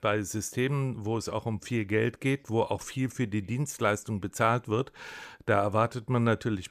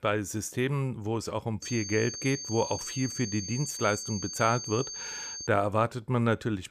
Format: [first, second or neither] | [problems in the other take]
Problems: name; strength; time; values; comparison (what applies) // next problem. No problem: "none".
first | high-pitched whine; loud; from 1.5 to 5.5 s; 6.5 kHz, 6 dB below the speech